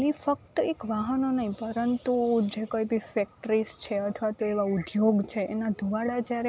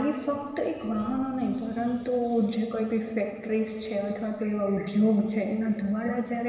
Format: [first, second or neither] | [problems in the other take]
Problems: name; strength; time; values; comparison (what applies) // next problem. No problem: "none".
first | room echo; dies away in 1.6 s